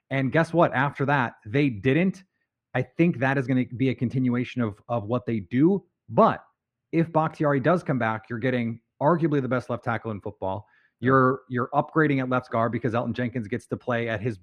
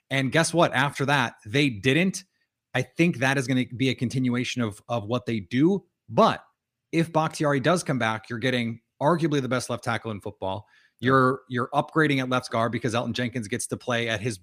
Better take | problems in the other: second | muffled; very; fading above 3.5 kHz

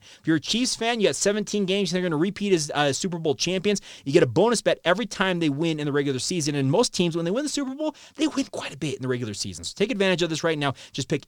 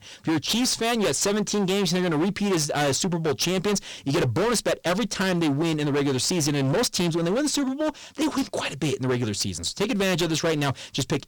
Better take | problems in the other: first | distortion; heavy; 24% of the sound clipped

